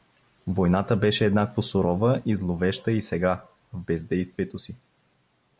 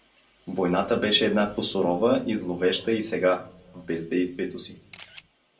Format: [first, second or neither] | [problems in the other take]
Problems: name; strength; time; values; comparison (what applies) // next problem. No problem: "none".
first | background sound (Camera); 20 dB below the speech // room echo; dies away in 0.2 s